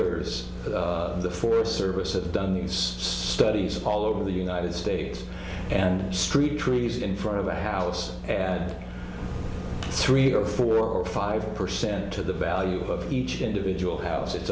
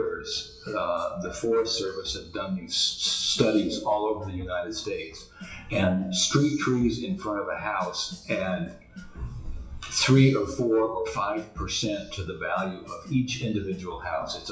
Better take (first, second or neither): first